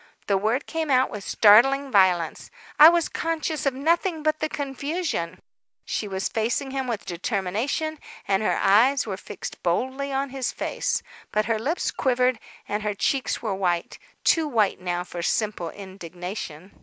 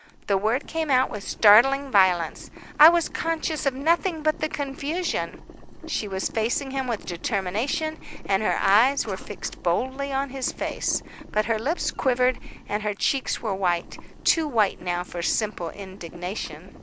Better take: first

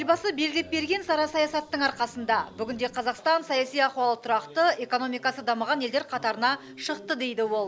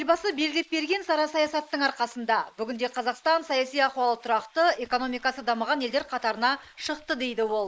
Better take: first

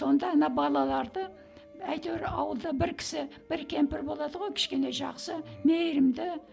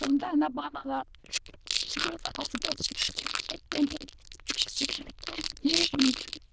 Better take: first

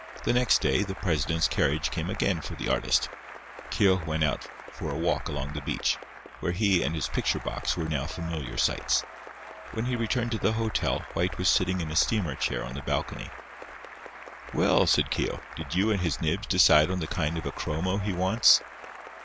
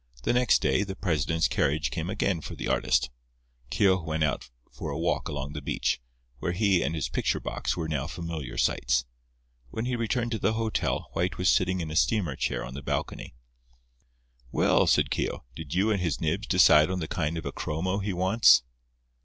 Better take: second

